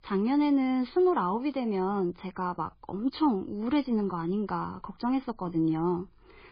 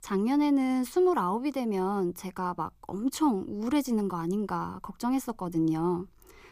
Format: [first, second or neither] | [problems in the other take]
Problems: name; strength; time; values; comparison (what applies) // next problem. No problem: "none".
second | garbled, watery; badly; nothing above 5 kHz